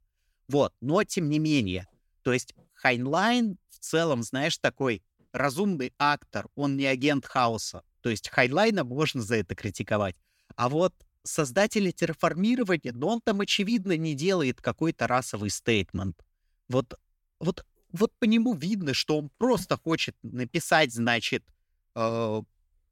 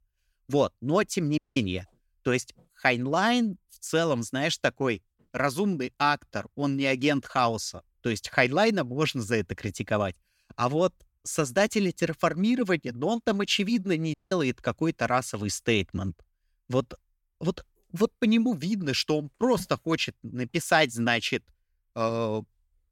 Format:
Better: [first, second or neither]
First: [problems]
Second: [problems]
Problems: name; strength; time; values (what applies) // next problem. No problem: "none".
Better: first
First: none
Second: audio cutting out; at 1.5 s and at 14 s